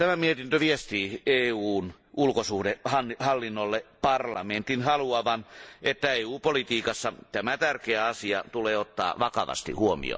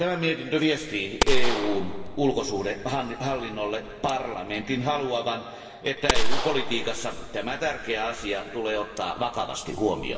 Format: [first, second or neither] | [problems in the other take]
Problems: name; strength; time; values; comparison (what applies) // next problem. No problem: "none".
first | background sound (Gunshot, gunfire); 1 dB above the speech // room echo; dies away in 2.8 s